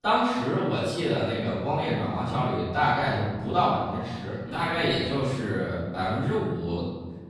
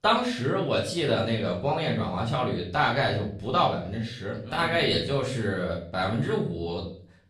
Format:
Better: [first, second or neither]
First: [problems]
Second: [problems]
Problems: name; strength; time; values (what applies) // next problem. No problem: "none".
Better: second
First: room echo; strong; dies away in 1.5 s // off-mic speech; far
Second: room echo; slight; dies away in 0.4 s // off-mic speech; far